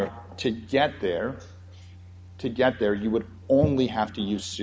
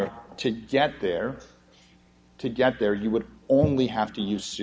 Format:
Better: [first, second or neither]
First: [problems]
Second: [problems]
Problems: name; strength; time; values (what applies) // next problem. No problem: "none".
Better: second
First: background sound (Domestic sounds, home sounds); 19 dB below the speech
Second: none